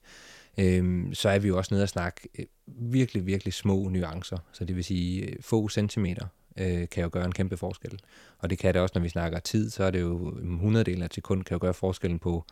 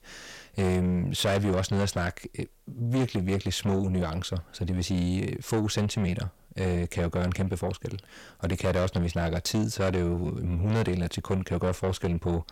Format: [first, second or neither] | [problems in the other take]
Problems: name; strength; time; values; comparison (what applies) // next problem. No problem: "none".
first | distortion; heavy; 7 dB below the speech